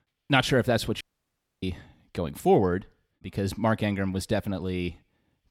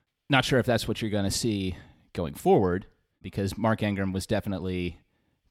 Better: second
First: audio cutting out; at 1 s for 0.5 s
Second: none

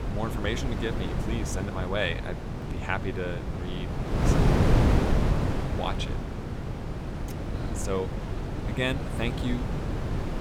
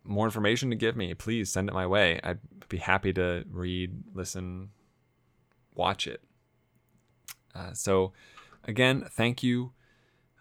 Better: second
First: wind noise on the microphone; heavy; 1 dB below the speech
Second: none

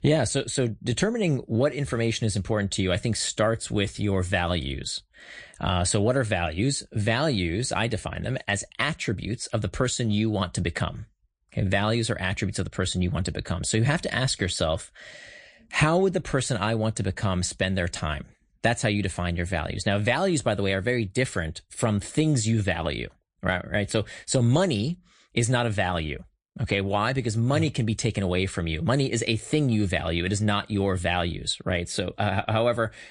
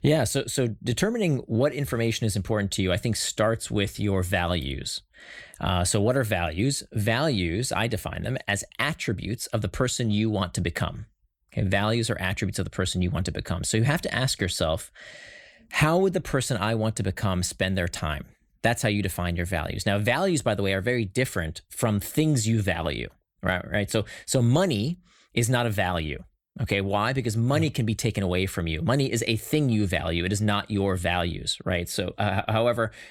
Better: second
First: garbled, watery; slightly; nothing above 9 kHz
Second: none

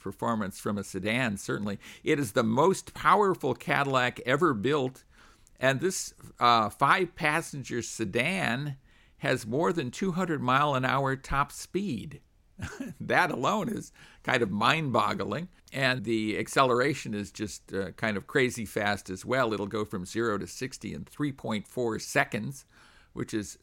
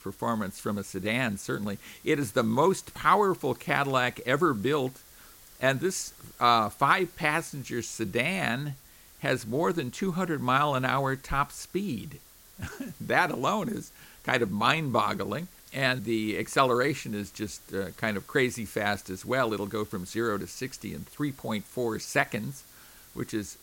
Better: first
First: none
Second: hiss; faint; throughout; 20 dB below the speech

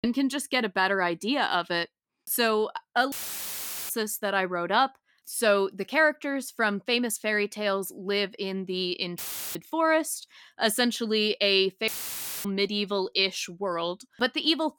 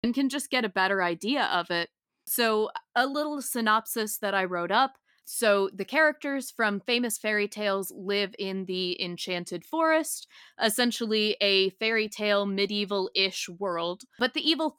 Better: second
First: audio cutting out; filled with static; at 3 s for 1 s, at 9 s and at 12 s for 0.5 s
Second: none

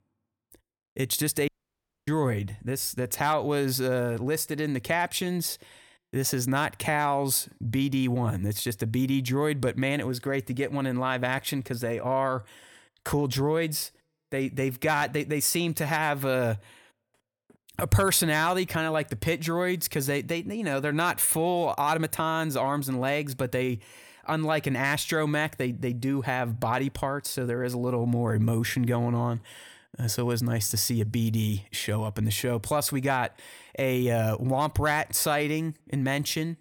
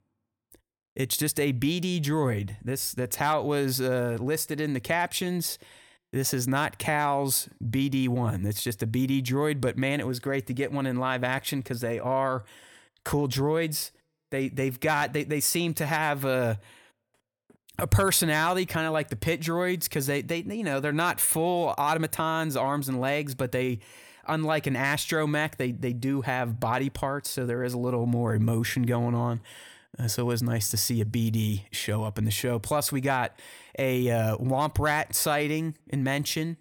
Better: second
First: audio cutting out; at 1.5 s for 0.5 s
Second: none

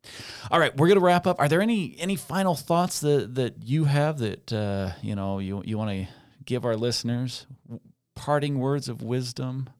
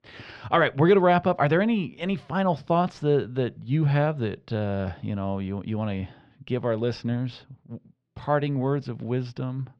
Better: first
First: none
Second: muffled; slightly; fading above 3 kHz

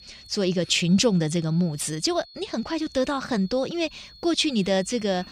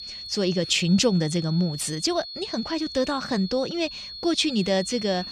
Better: first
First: high-pitched whine; faint; throughout; 4.5 kHz, 20 dB below the speech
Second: high-pitched whine; loud; throughout; 4.5 kHz, 10 dB below the speech

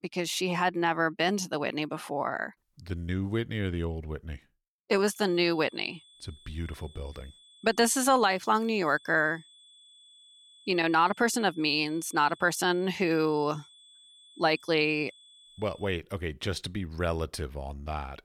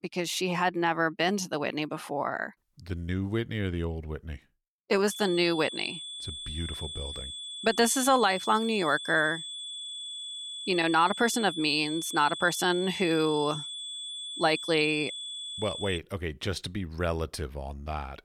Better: first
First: high-pitched whine; faint; from 5 to 16 s; 3.5 kHz, 25 dB below the speech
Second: high-pitched whine; loud; from 5 to 16 s; 3.5 kHz, 8 dB below the speech

